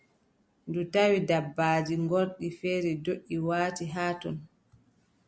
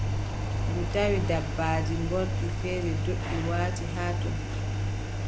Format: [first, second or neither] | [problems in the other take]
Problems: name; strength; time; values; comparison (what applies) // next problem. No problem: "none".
first | background sound (Engine); 3 dB above the speech